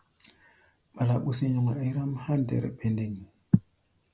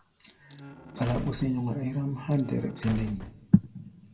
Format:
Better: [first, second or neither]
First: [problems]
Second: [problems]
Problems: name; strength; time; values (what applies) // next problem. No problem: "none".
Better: first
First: none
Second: background sound (Slam); 13 dB below the speech // room echo; dies away in 1 s